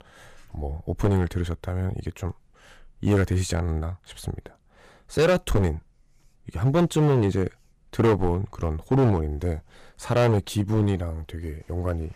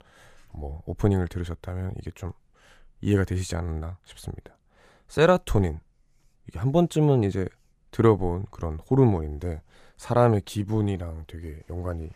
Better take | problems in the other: second | distortion; heavy; 5% of the sound clipped

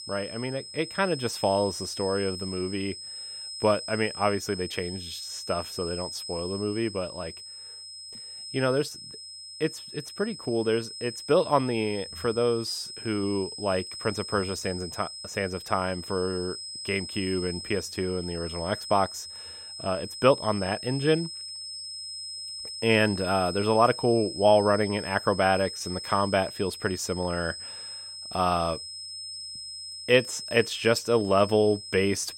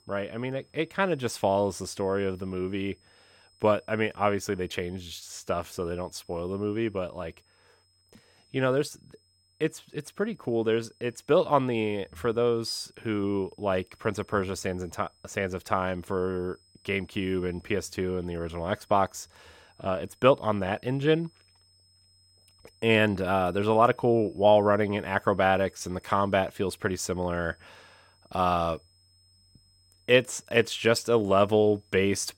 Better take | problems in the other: second | high-pitched whine; loud; throughout; 5 kHz, 9 dB below the speech; faint in the second

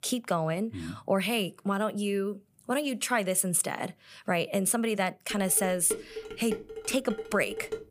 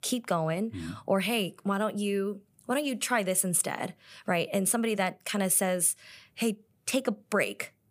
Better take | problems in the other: second | clattering dishes; noticeable; from 5.5 s on; peak 8 dB below the speech

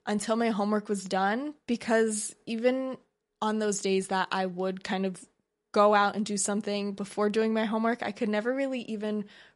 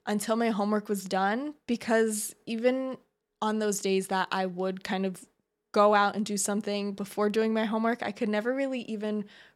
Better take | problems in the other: second | garbled, watery; slightly; nothing above 11 kHz

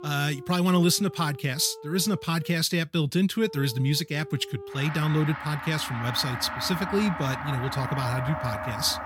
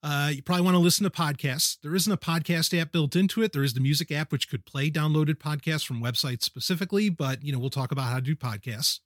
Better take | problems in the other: second | background music; loud; throughout; 10 dB below the speech

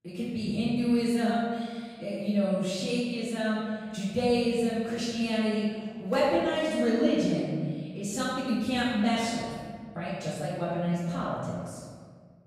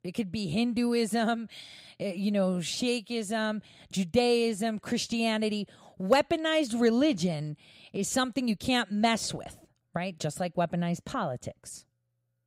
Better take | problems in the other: second | room echo; strong; dies away in 1.7 s // off-mic speech; far

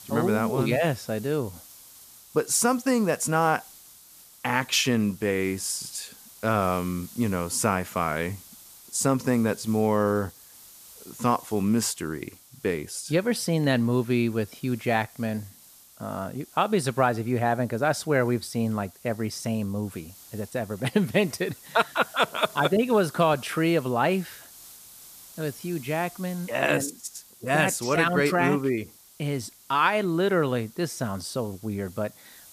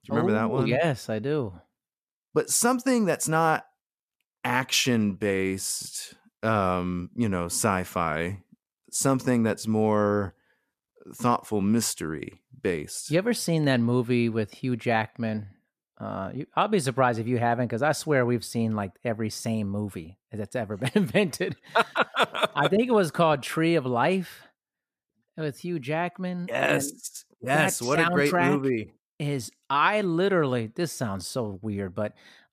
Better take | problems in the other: second | hiss; faint; throughout; 20 dB below the speech

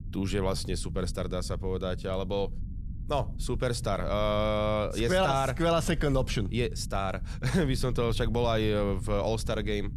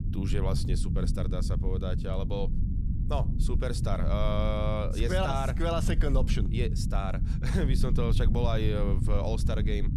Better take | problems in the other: first | low rumble; loud; throughout; 9 dB below the speech; faint in the first

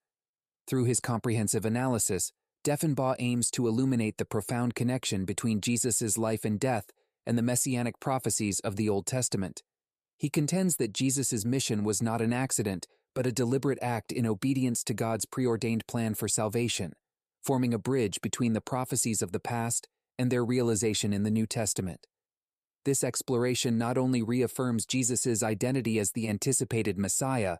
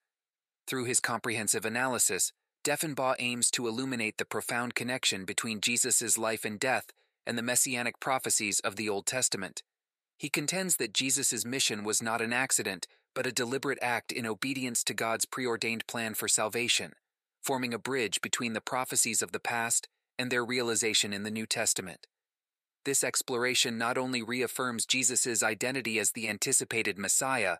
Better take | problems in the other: first | thin; somewhat; fading below 750 Hz

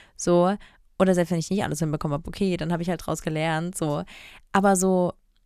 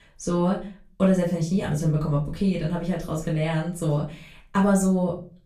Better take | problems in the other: first | off-mic speech; far // room echo; slight; dies away in 0.4 s

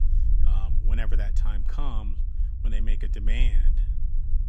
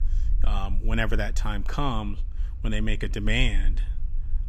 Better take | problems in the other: second | low rumble; loud; throughout; 9 dB below the speech; faint in the second

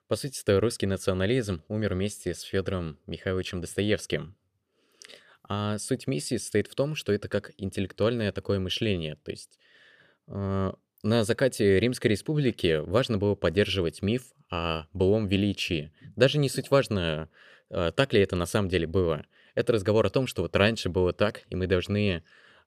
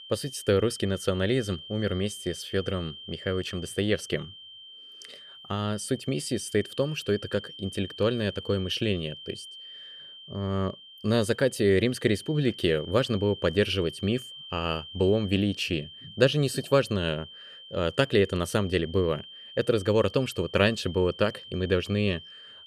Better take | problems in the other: first | high-pitched whine; noticeable; throughout; 3 kHz, 15 dB below the speech

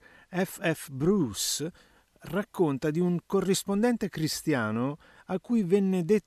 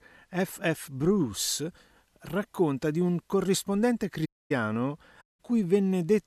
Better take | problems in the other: first | audio cutting out; at 4.5 s and at 5 s

